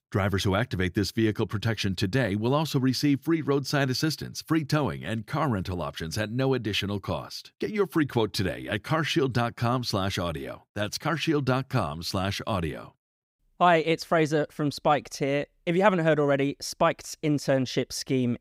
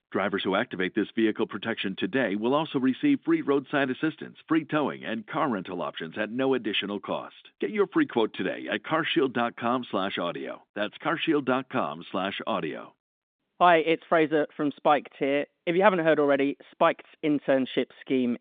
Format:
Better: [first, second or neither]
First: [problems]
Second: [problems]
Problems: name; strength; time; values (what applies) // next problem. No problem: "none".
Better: first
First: none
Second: phone-call audio